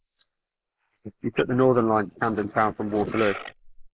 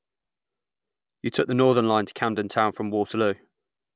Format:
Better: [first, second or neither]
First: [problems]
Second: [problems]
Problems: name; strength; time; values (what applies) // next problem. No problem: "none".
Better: second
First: noise reduction (neural mask model Resemble Enhance denoiser)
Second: none